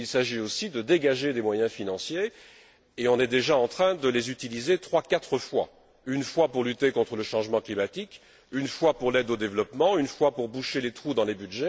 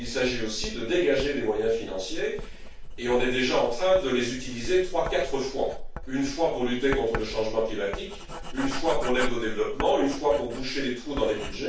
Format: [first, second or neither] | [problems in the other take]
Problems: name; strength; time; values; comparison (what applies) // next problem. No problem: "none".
first | background sound (Writing); 7 dB below the speech // room echo; dies away in 0.3 s